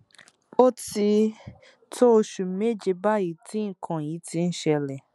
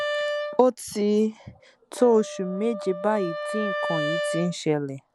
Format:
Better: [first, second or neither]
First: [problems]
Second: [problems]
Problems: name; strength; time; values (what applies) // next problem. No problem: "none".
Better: first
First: none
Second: background sound (Wind instrument, woodwind instrument); 6 dB below the speech